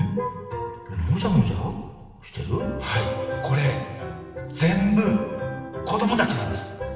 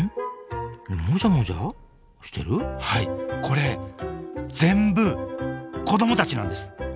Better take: second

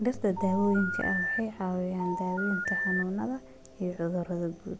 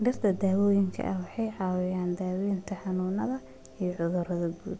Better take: second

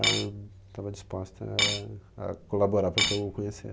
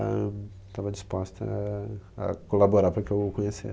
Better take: second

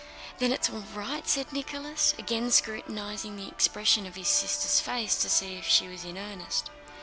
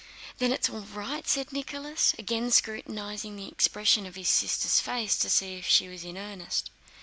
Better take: second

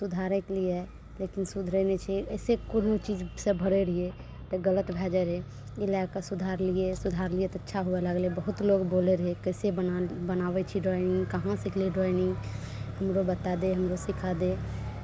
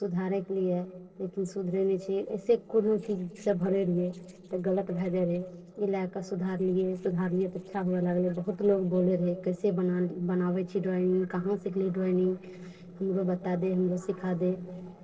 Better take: first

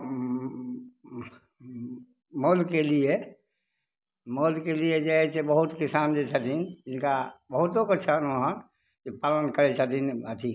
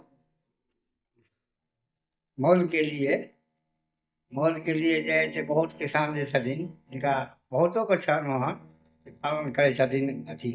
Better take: first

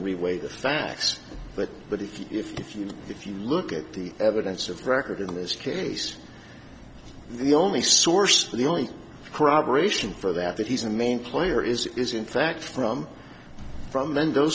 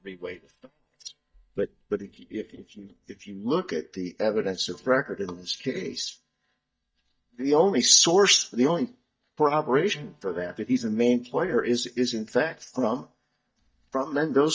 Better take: first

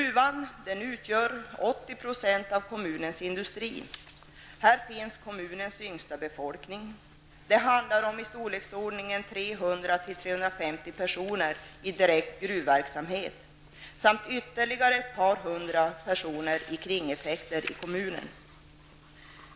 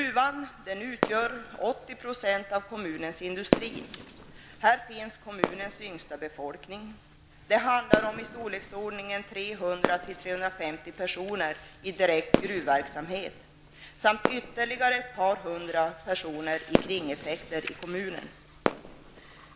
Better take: first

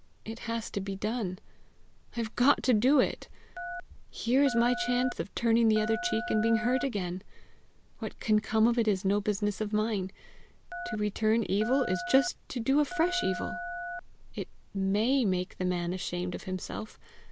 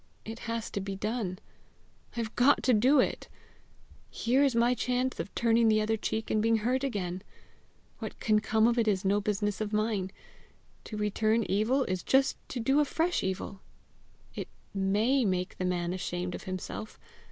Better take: second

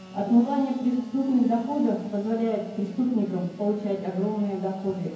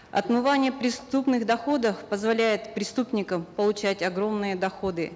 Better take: second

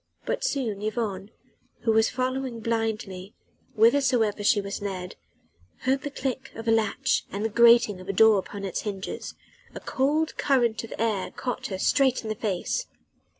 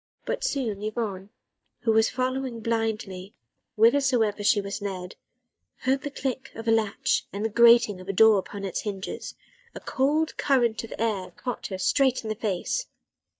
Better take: first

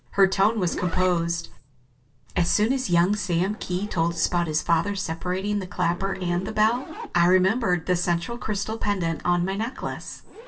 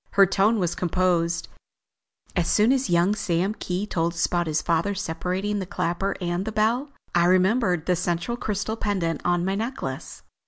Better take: second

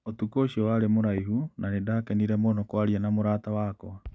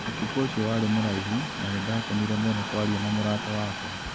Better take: first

